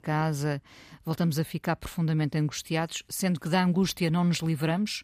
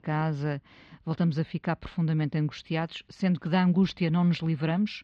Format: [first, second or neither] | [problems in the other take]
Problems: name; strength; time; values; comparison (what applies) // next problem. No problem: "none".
first | muffled; slightly; fading above 4 kHz